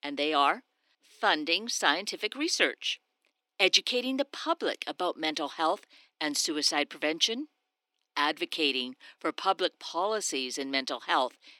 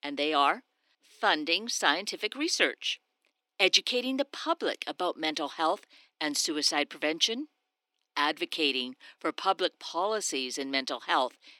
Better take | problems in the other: neither | thin; somewhat; fading below 300 Hz; the same in both

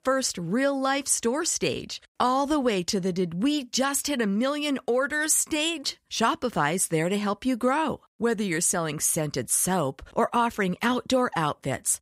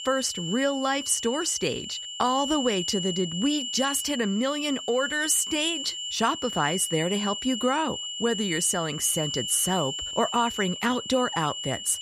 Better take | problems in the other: first | high-pitched whine; loud; throughout; 3 kHz, 5 dB below the speech

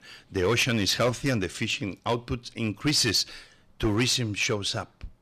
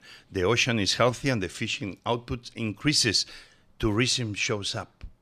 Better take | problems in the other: second | distortion; slight; 5% of the sound clipped

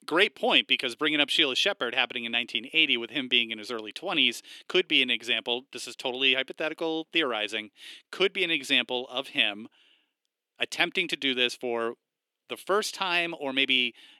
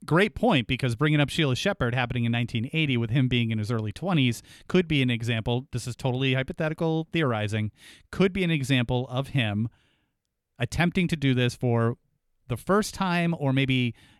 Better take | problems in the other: second | thin; somewhat; fading below 300 Hz

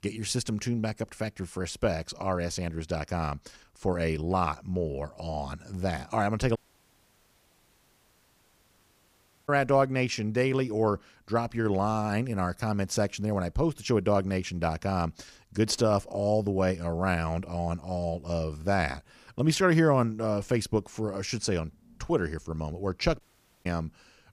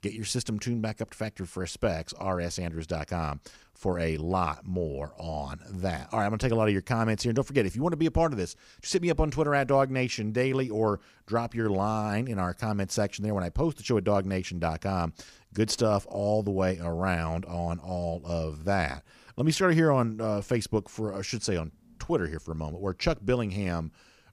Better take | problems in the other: second | audio cutting out; at 6.5 s for 3 s and at 23 s

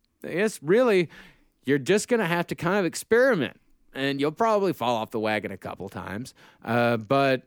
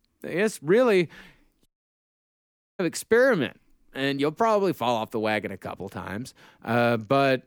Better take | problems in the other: first | audio cutting out; at 1.5 s for 1 s

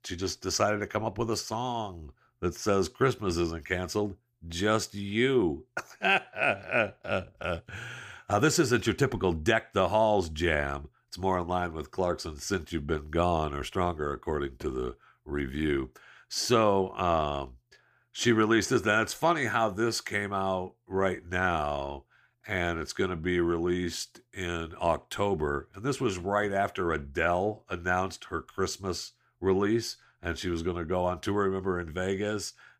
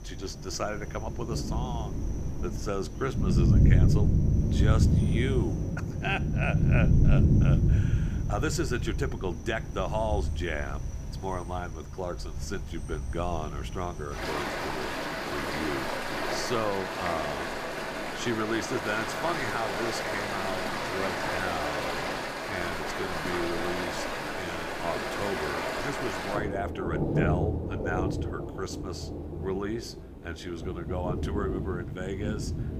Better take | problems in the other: first | rain or running water; very loud; throughout; 5 dB above the speech

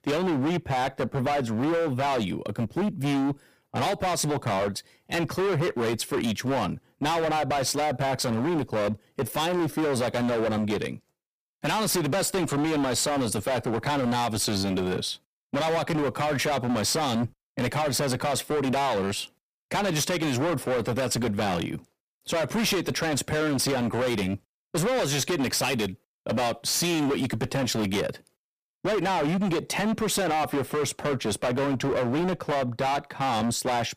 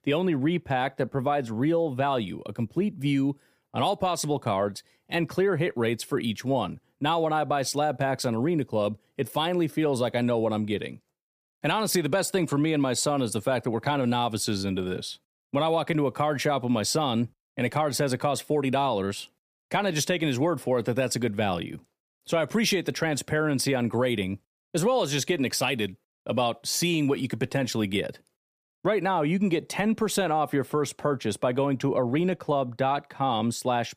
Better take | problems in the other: second | distortion; heavy; 28% of the sound clipped

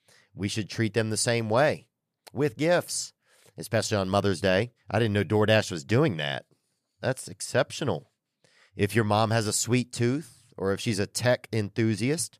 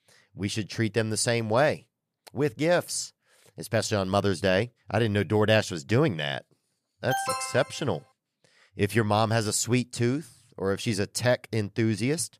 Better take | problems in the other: first | alarm; noticeable; at 7 s; peak 3 dB below the speech

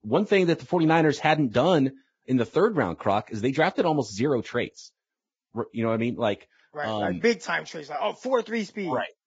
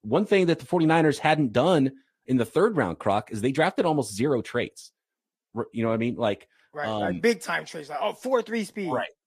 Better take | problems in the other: second | garbled, watery; badly; nothing above 7.5 kHz; slightly in the second

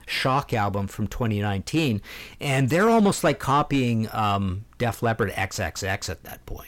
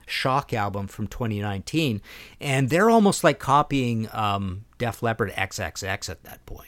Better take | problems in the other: second | distortion; slight; 10 dB below the speech

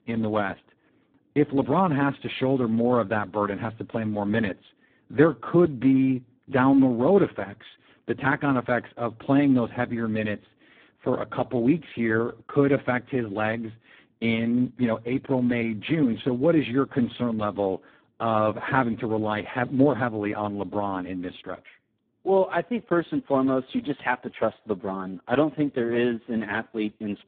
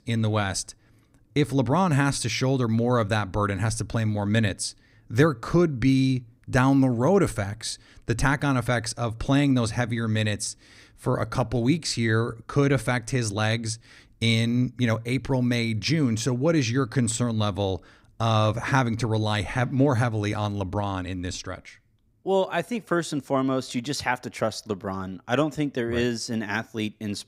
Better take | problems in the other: second | phone-call audio; poor line; nothing above 3.5 kHz

